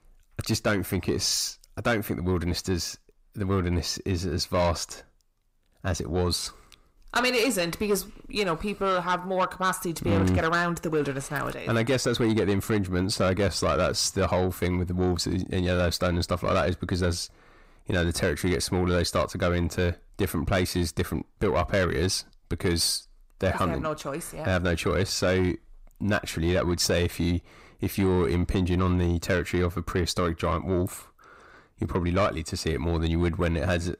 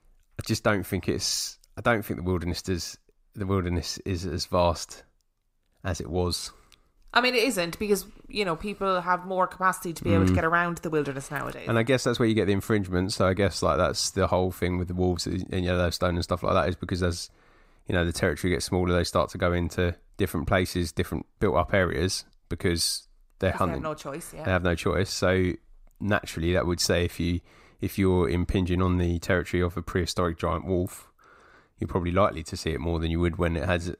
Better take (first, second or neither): second